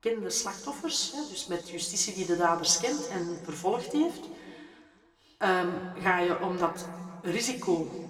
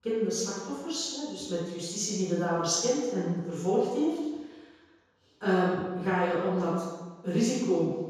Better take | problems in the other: first | room echo; strong; dies away in 1.2 s; slight in the first // off-mic speech; far; somewhat distant in the first

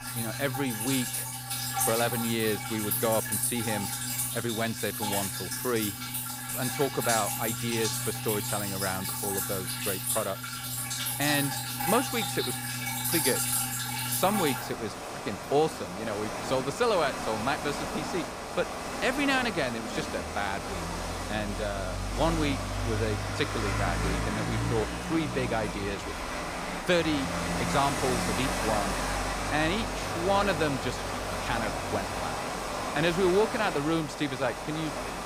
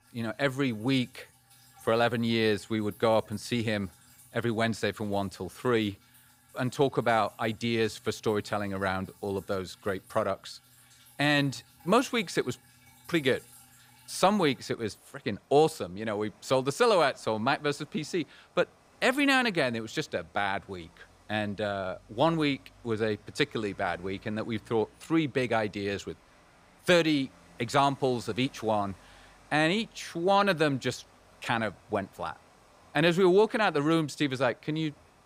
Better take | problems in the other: second | rain or running water; loud; throughout; as loud as the speech; faint in the second

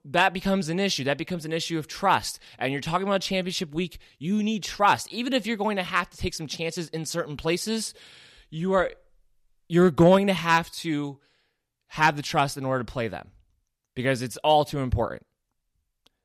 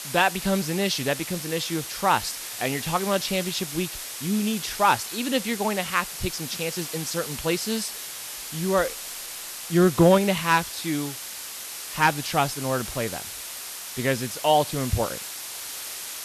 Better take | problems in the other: first | hiss; loud; throughout; 8 dB below the speech

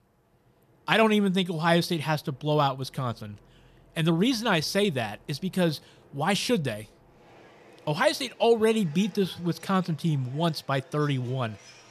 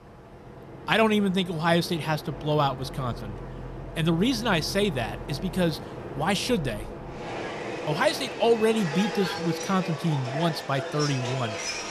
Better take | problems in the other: first | train or aircraft noise; loud; throughout; 9 dB below the speech; faint in the first

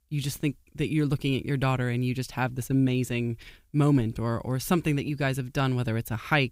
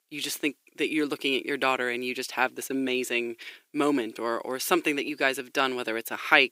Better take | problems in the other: first | thin; somewhat; fading below 350 Hz

